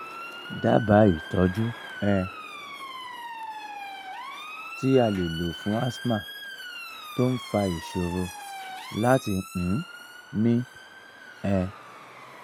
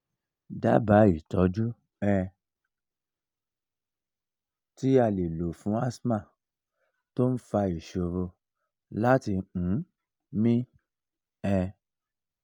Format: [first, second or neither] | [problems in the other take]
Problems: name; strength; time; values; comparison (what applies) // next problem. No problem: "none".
second | background sound (Motor vehicle (road) / Siren); 12 dB below the speech